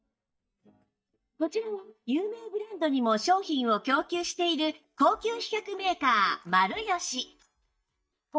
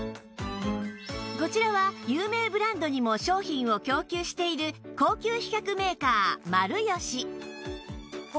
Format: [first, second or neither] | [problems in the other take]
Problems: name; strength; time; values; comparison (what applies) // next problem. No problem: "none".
second | noise reduction (neural mask model DeepFilterNet 3)